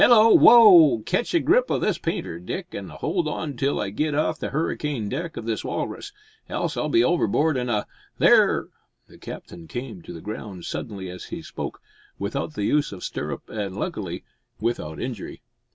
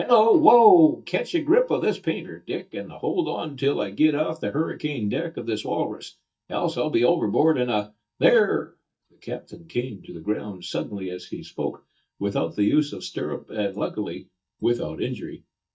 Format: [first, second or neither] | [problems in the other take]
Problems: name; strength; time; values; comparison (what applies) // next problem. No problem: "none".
first | noise reduction (neural mask model DeepFilterNet 3)